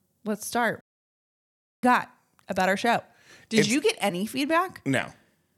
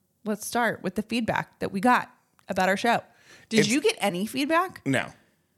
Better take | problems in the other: second | audio cutting out; at 1 s for 1 s

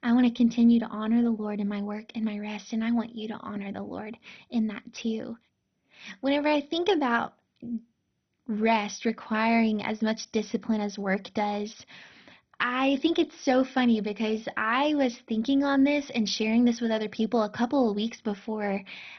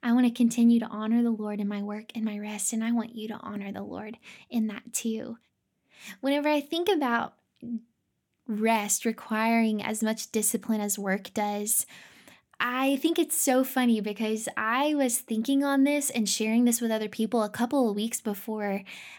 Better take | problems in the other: second | garbled, watery; badly; nothing above 6 kHz

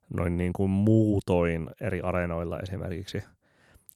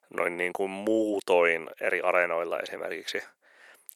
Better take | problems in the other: first | thin; very; fading below 450 Hz

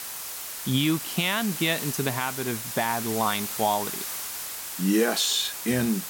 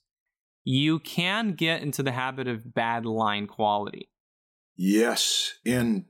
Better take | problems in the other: second | hiss; loud; throughout; 6 dB below the speech

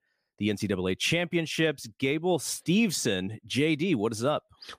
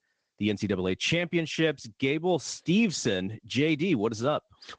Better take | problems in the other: first | garbled, watery; slightly

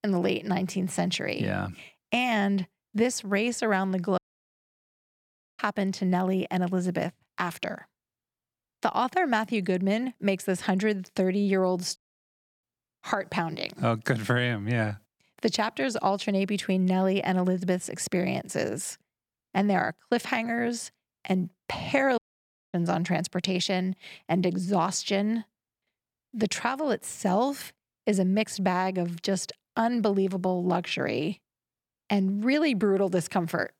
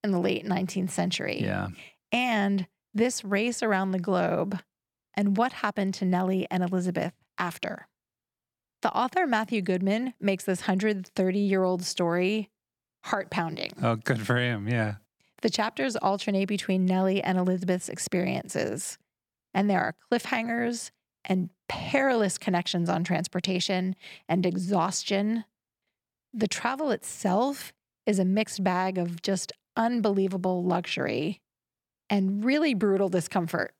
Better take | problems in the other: second | audio cutting out; at 4 s for 1.5 s, at 12 s for 0.5 s and at 22 s for 0.5 s

